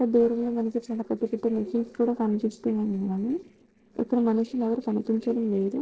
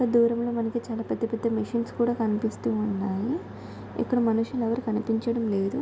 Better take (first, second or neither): second